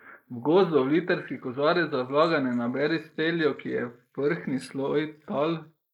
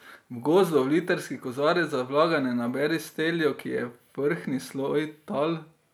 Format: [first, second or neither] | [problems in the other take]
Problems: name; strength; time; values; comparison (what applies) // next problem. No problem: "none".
second | noise reduction (neural mask model Resemble Enhance denoiser)